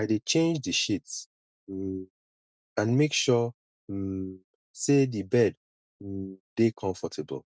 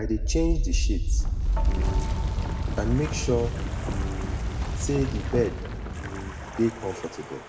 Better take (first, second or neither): first